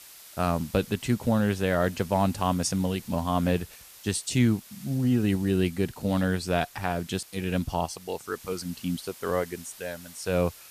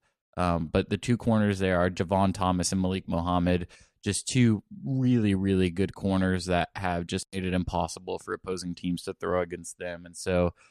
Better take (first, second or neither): second